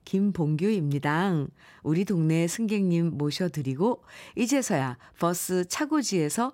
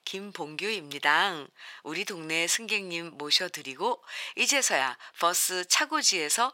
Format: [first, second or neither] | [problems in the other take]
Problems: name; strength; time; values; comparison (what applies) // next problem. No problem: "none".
first | thin; very; fading below 750 Hz